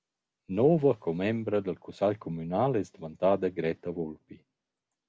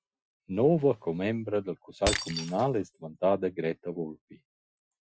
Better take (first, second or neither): first